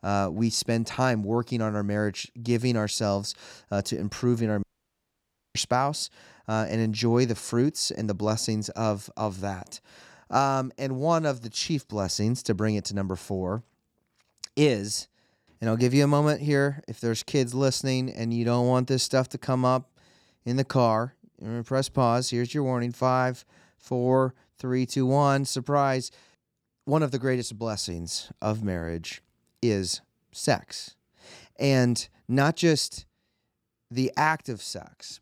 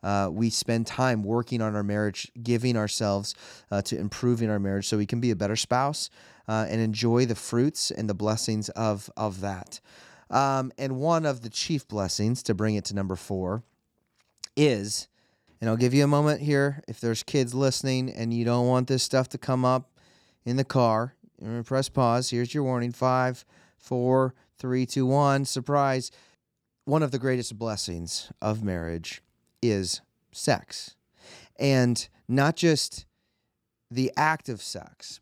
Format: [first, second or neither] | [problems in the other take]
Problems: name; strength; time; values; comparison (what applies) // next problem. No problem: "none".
second | audio cutting out; at 4.5 s for 1 s